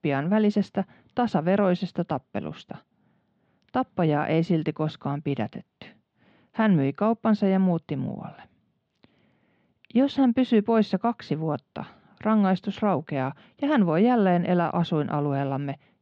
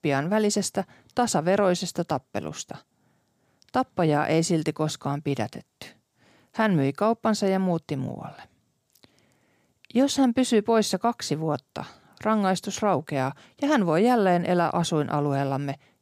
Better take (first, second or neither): second